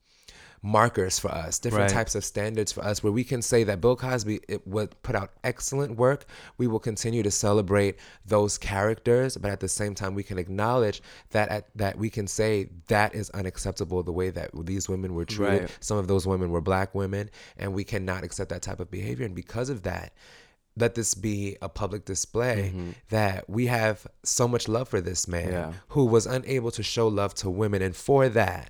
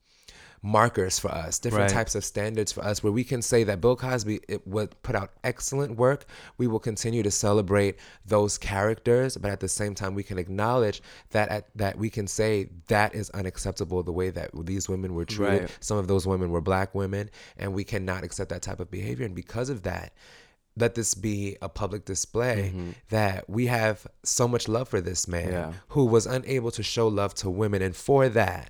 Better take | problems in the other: neither | none

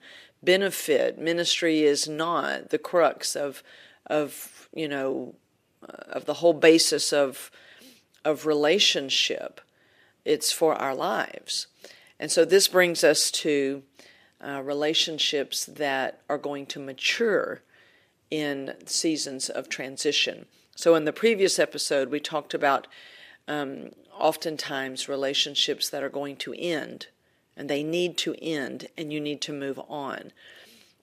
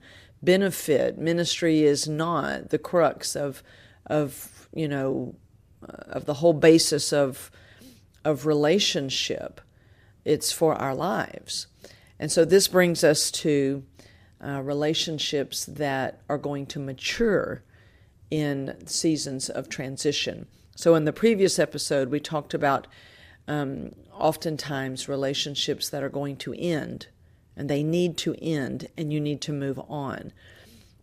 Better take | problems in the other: second | thin; very slightly; fading below 300 Hz

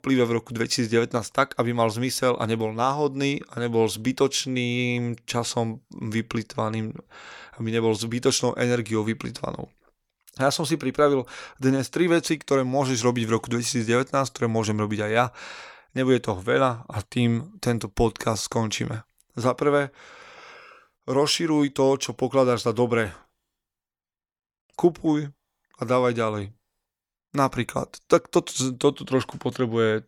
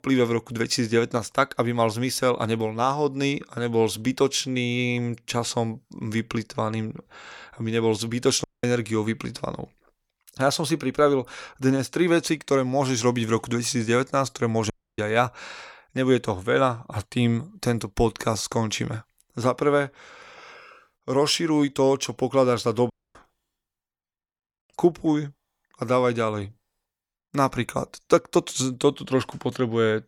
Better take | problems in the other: first | audio cutting out; at 8.5 s, at 15 s and at 23 s

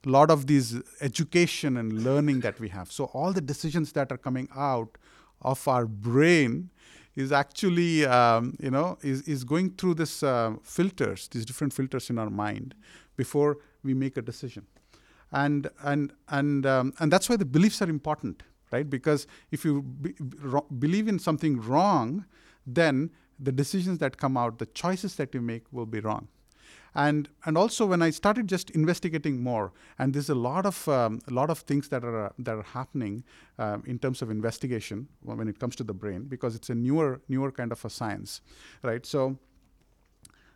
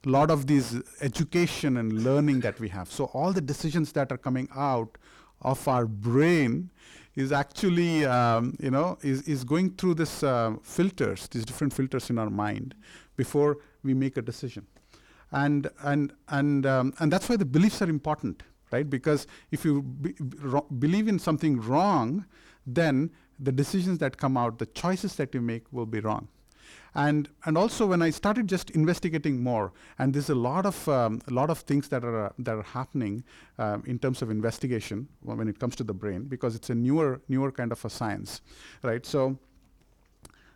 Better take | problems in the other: first | distortion; slight; 10 dB below the speech

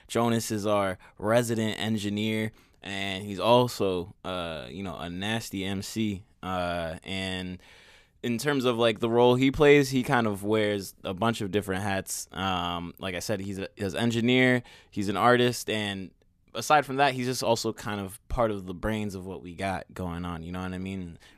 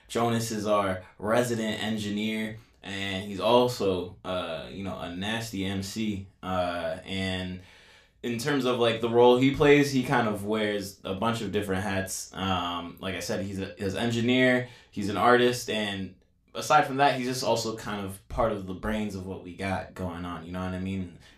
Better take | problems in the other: first | room echo; slight; dies away in 0.3 s // off-mic speech; somewhat distant

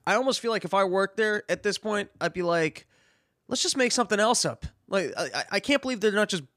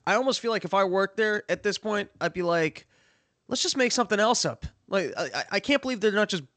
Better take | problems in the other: first | garbled, watery; slightly; nothing above 7.5 kHz

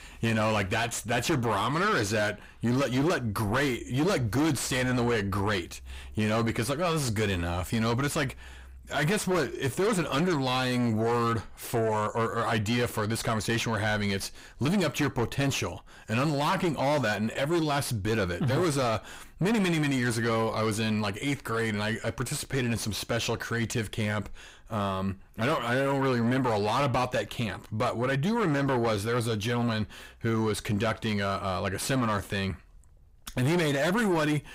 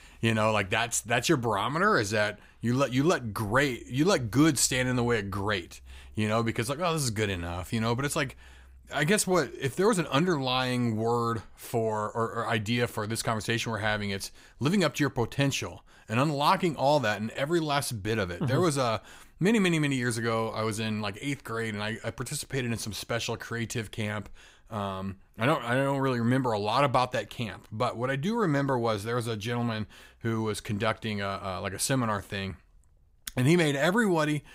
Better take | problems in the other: second | distortion; heavy; 7 dB below the speech

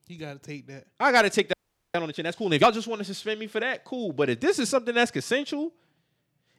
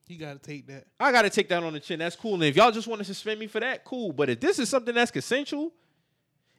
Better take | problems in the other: second | audio freezing; at 1.5 s

